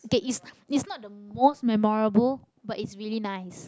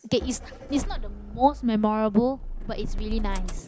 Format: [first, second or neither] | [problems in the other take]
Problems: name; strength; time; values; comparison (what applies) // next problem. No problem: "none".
first | background sound (Motor vehicle (road)); 5 dB below the speech